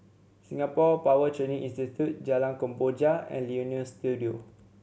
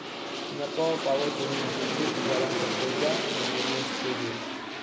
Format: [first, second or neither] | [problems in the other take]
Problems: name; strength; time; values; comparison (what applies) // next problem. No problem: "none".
first | background sound (Aircraft); 2 dB above the speech